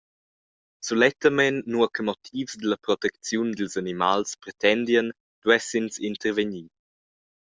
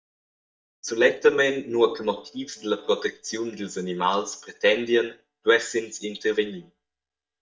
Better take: first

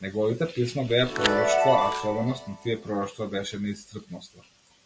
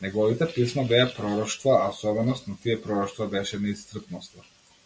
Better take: second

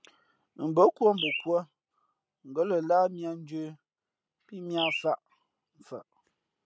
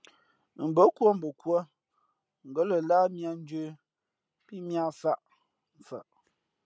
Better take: second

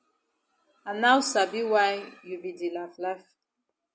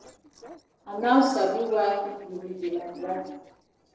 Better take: first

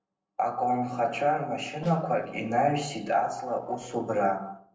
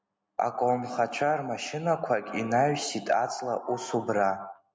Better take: second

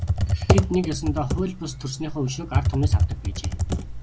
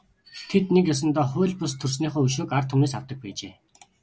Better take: second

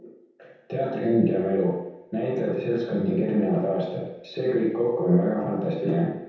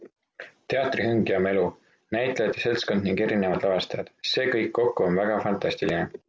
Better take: second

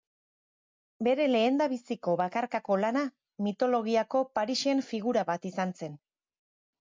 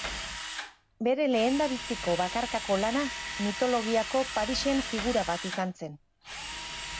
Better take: first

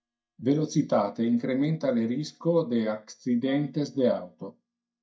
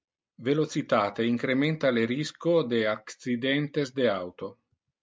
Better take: second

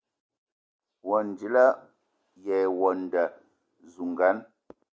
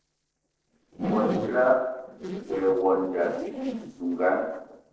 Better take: first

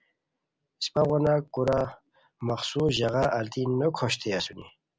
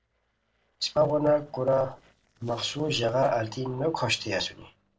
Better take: first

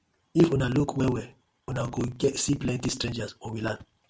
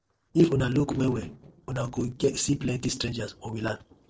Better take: first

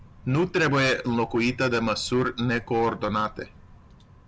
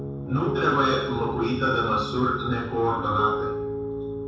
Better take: first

